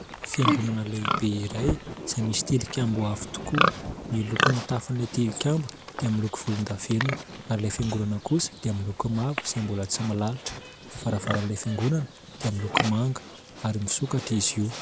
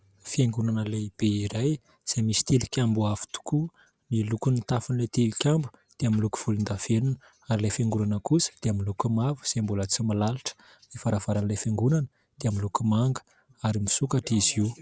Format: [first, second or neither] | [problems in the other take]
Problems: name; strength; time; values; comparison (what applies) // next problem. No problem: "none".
second | background sound (Livestock, farm animals, working animals); 5 dB below the speech